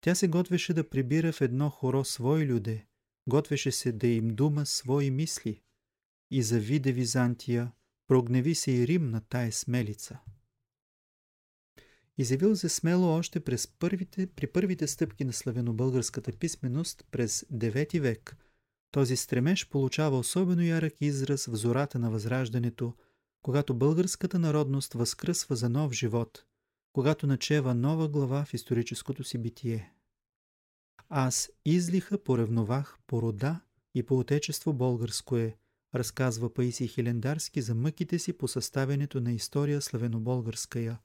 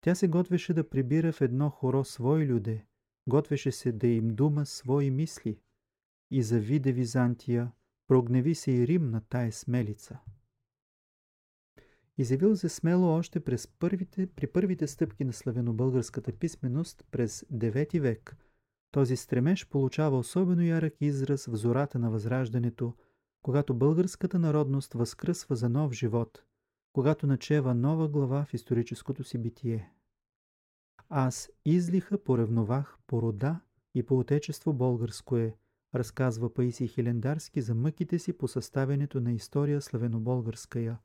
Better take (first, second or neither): first